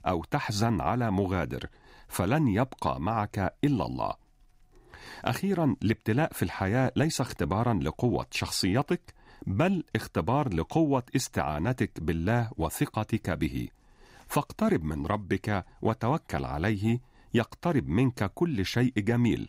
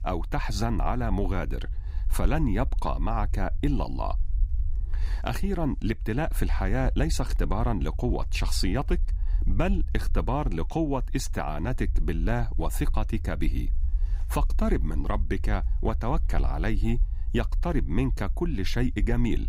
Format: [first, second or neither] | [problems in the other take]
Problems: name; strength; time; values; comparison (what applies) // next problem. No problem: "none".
first | low rumble; faint; throughout; 20 dB below the speech